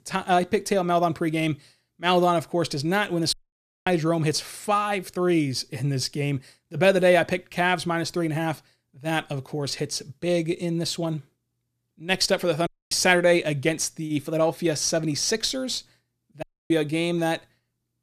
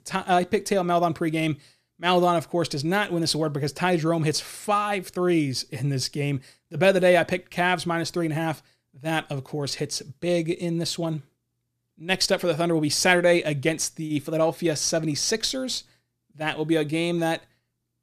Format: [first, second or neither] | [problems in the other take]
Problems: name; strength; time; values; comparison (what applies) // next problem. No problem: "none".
second | audio cutting out; at 3.5 s for 0.5 s, at 13 s and at 16 s